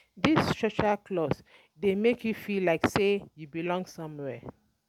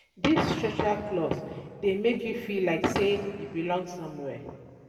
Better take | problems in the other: first | room echo; dies away in 1.7 s

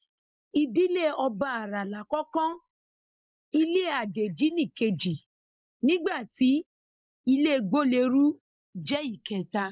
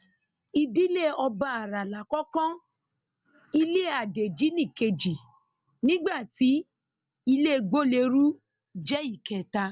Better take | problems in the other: second | noise reduction (neural mask model Resemble Enhance denoiser)

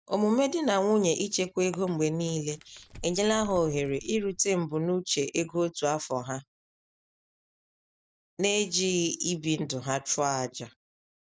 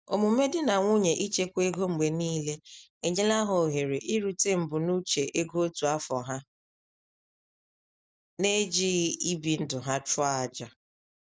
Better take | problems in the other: second | background sound (Crumpling, crinkling); 20 dB below the speech

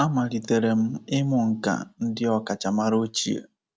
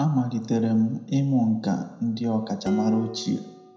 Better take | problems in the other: first | background sound (Dishes, pots, and pans); 16 dB below the speech // room echo; dies away in 0.8 s

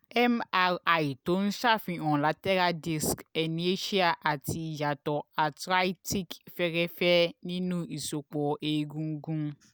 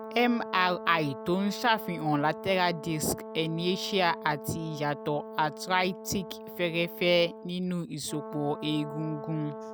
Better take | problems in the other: first | background sound (Brass instrument); 12 dB below the speech

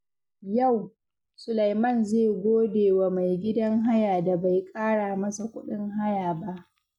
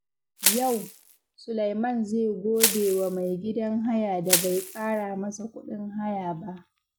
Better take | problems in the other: first | background sound (Crushing); 1 dB below the speech

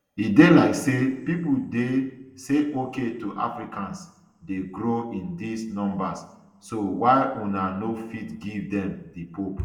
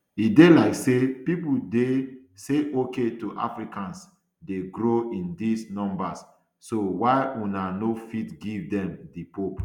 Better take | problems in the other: second | room echo; dies away in 0.7 s

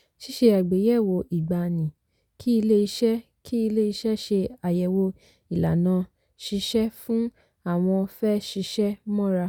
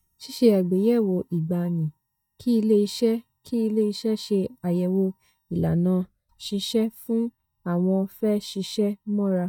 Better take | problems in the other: first | noise reduction (neural mask model DeepFilterNet 3)

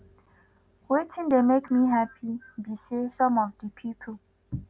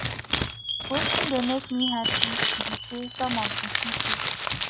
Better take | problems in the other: first | background sound (Chime + Crumpling, crinkling); 4 dB above the speech

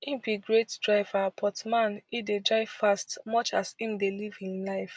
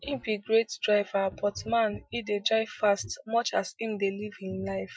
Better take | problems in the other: first | noise reduction (classical method Wiener filter)

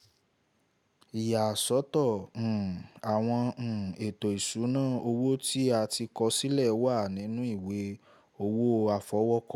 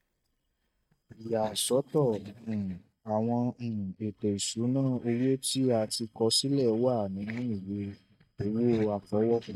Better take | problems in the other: first | noise reduction (neural mask model DeepFilterNet 3)

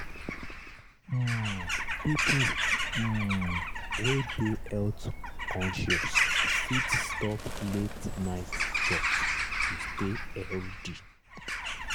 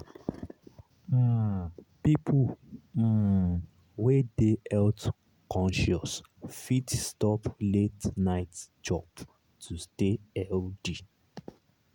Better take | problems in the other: second | background sound (Bird vocalization, bird call, bird song / Crow); 2 dB above the speech

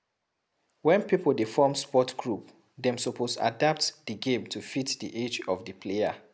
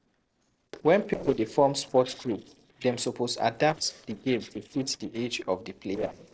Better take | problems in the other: first | noise reduction (neural separator model SepFormer DNS4)

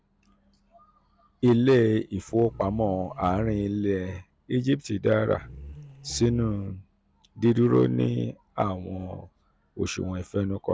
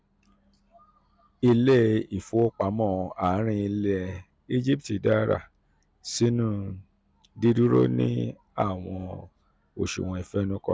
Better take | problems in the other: second | background sound (Growling); 15 dB below the speech

